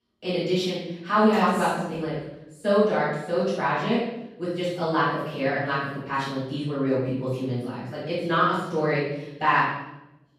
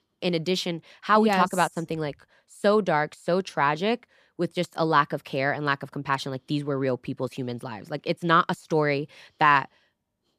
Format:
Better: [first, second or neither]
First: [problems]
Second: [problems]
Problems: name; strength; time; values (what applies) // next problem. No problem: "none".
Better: second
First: off-mic speech; far // room echo; strong; dies away in 0.8 s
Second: none